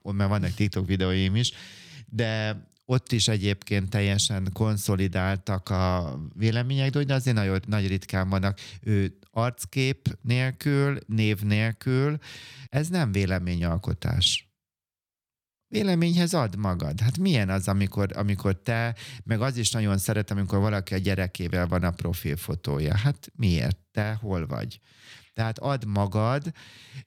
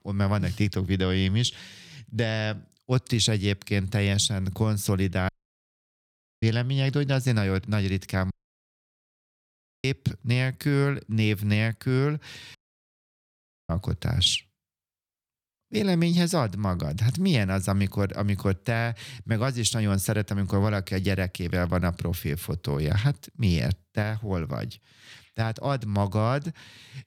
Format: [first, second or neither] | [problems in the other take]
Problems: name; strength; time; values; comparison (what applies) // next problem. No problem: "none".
first | audio cutting out; at 5.5 s for 1 s, at 8.5 s for 1.5 s and at 13 s for 1 s